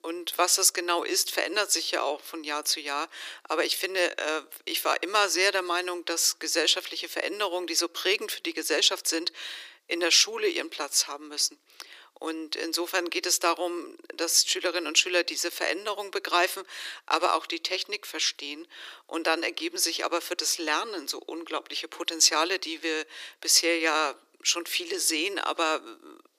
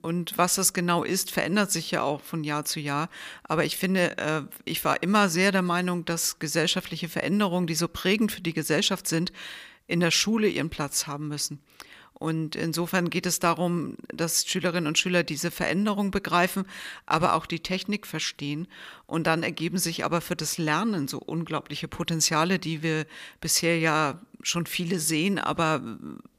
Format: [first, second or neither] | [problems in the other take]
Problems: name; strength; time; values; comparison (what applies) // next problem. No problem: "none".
second | thin; very; fading below 350 Hz